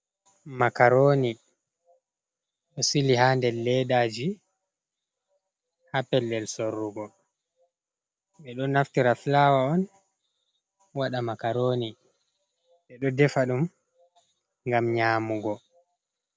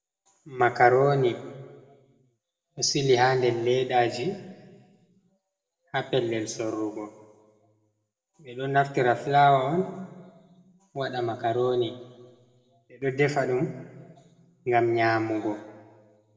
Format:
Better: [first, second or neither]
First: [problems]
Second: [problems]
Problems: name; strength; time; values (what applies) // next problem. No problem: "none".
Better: first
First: none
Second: room echo; dies away in 1 s